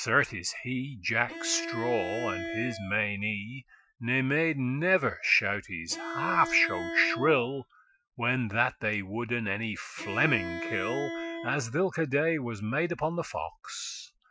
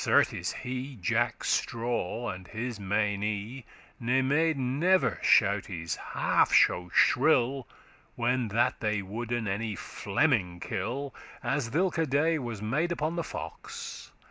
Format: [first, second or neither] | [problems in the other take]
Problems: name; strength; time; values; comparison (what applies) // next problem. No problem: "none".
second | noise reduction (classical method Wiener filter)